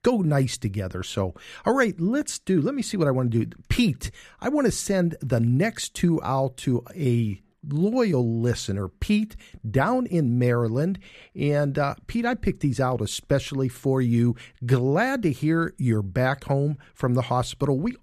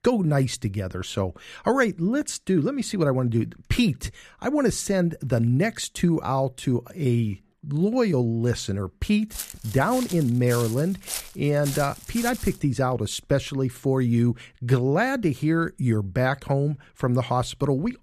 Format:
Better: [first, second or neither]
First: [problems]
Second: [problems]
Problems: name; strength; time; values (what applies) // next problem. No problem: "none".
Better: first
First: none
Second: footsteps; noticeable; from 9.5 to 13 s; peak 7 dB below the speech